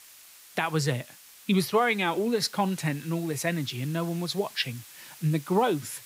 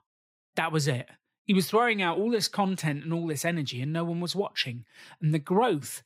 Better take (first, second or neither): second